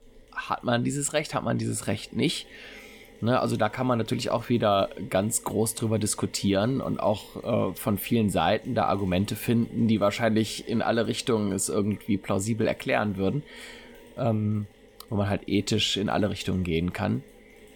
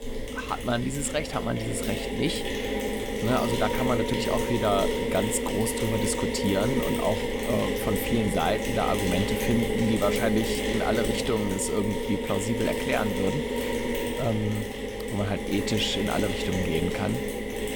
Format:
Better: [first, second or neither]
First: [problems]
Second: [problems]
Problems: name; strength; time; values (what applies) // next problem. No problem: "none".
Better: first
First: machinery noise; faint; throughout; 25 dB below the speech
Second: machinery noise; loud; throughout; 1 dB below the speech